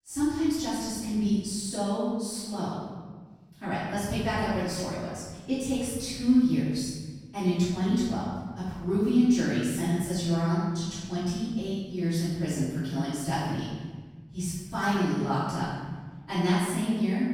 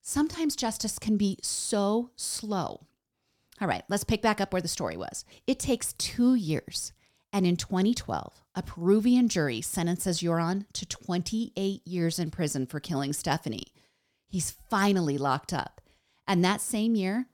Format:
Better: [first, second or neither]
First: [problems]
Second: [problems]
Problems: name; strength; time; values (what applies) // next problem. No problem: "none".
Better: second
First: off-mic speech; far // room echo; strong; dies away in 1.6 s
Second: none